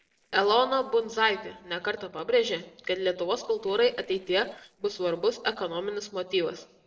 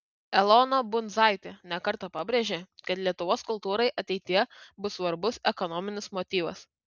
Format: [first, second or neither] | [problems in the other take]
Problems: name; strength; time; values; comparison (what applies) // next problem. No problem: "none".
second | noise reduction (neural separator model SepFormer DNS4)